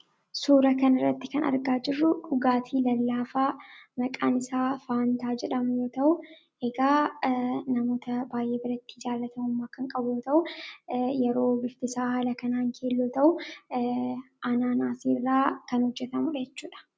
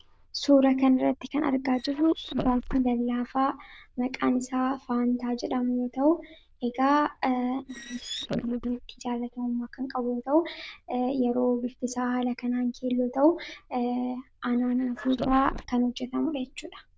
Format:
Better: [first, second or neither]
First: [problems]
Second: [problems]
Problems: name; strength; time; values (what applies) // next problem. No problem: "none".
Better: first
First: none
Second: noise reduction (neural diffusion model UNIVERSE++)